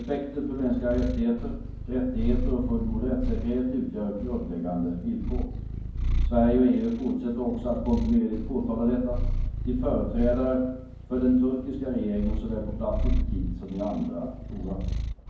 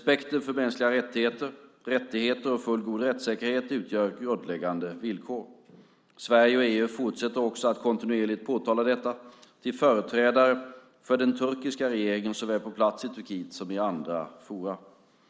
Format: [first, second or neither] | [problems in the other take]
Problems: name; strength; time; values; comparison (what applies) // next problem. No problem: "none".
second | background sound (Purr); 3 dB below the speech // room echo; dies away in 0.9 s